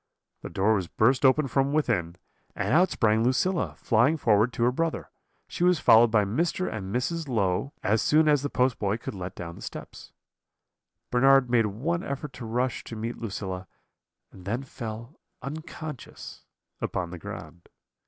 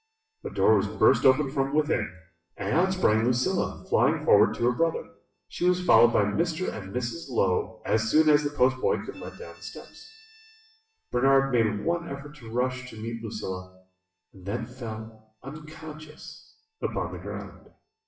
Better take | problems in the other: first | noise reduction (classical method WPE with log-MMSE)

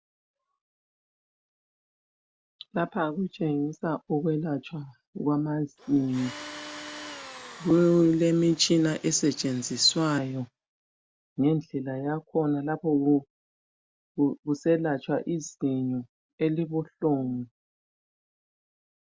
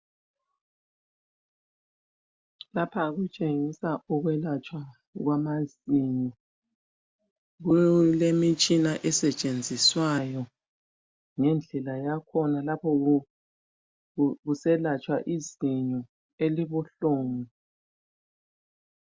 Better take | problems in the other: second | background sound (Tools); 15 dB below the speech

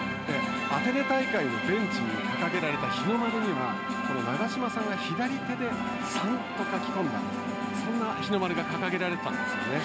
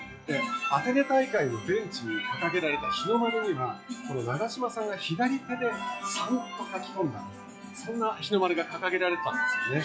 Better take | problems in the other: first | noise reduction (classical method log-MMSE)

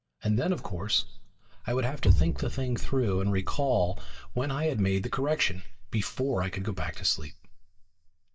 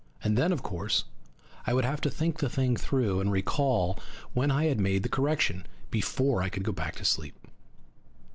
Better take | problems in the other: second | noise reduction (neural mask model DeepFilterNet 3)

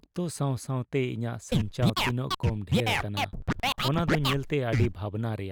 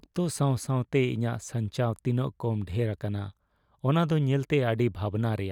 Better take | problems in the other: second | background sound (Scratching (performance technique)); 2 dB above the speech

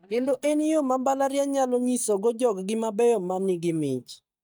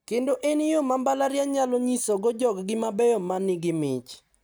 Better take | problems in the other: second | noise reduction (neural mask model DeepFilterNet 3)

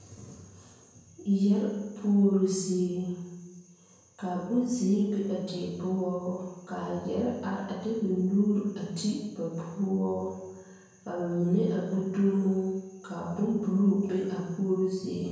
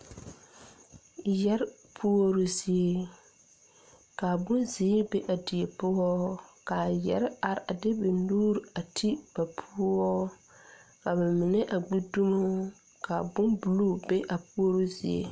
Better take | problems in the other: second | room echo; dies away in 1 s

